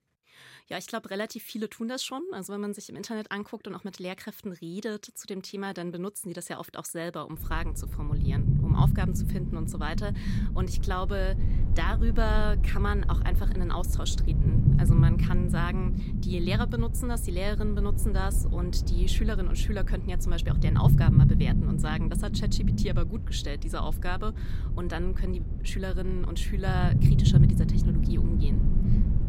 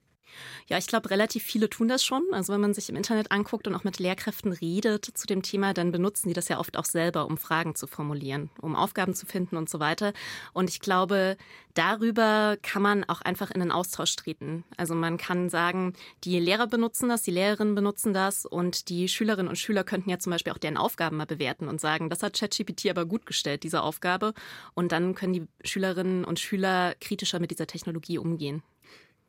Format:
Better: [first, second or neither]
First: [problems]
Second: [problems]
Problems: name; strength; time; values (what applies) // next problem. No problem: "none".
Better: second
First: low rumble; loud; from 7.5 s on; 3 dB below the speech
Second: none